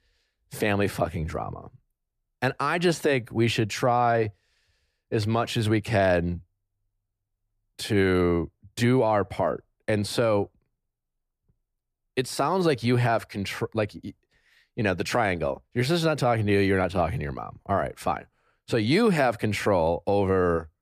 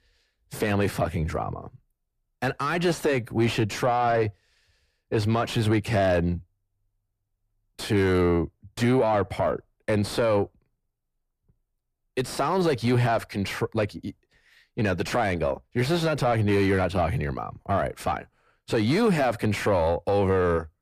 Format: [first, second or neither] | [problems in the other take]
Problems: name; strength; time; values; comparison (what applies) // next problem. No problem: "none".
first | distortion; slight; 10 dB below the speech